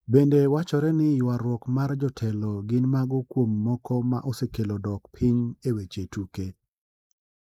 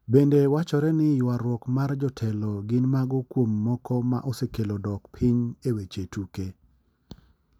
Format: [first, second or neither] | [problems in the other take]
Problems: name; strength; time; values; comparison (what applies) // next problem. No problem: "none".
second | noise reduction (neural mask model Resemble Enhance denoiser)